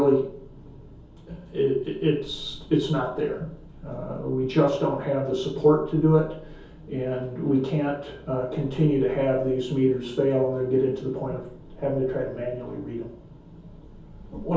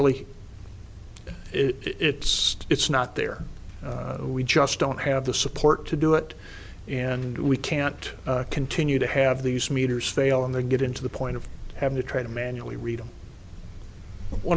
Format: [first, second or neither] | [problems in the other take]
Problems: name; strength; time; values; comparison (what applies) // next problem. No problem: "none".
second | room echo; dies away in 0.6 s